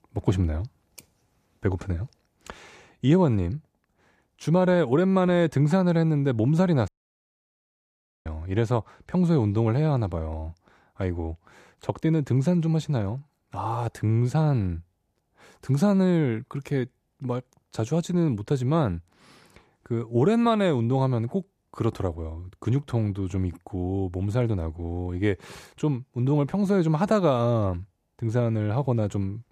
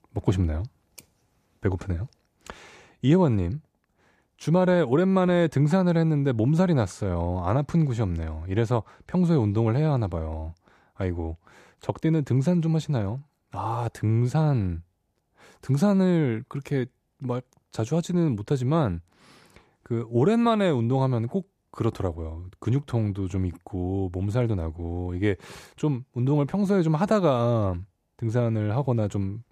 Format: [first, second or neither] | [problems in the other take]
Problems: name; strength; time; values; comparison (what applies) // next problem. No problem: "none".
second | audio cutting out; at 7 s for 1.5 s